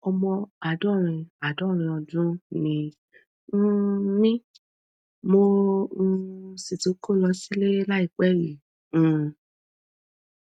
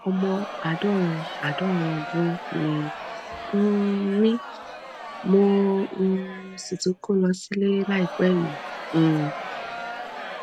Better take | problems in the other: first | background sound (Crowd); 11 dB below the speech

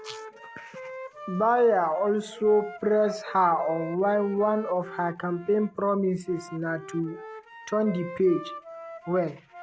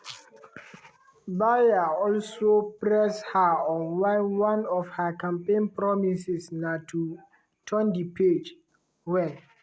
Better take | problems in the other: second | background sound (Wind instrument, woodwind instrument); 16 dB below the speech

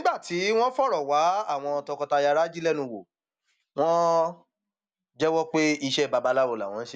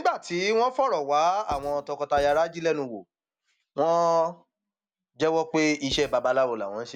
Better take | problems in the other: first | background sound (Writing); 19 dB below the speech

